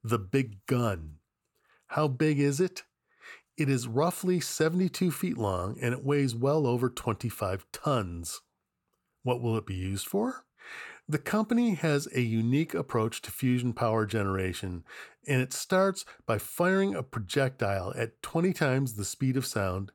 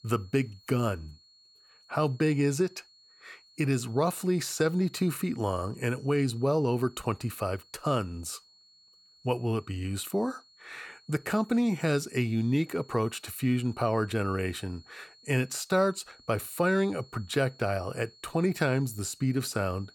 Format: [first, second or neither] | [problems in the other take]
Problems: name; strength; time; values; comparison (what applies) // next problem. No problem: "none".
first | high-pitched whine; faint; throughout; 4.5 kHz, 25 dB below the speech